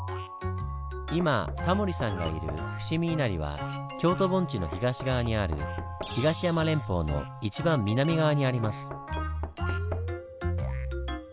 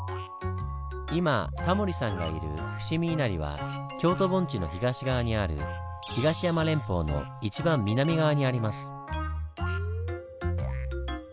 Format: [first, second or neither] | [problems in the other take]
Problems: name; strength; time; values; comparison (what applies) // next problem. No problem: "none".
second | background sound (Knock); 17 dB below the speech